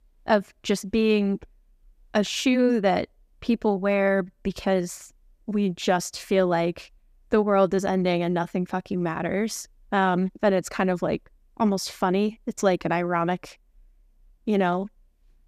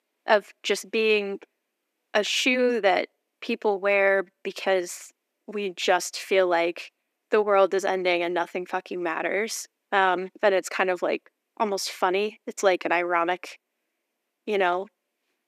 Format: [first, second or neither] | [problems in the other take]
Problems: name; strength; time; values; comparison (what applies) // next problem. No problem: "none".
first | thin; somewhat; fading below 300 Hz